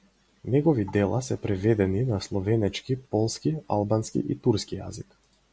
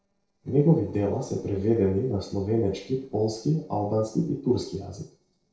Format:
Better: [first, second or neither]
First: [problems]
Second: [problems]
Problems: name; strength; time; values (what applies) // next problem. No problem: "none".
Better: first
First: none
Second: noise reduction (neural separator model SepFormer DNS4)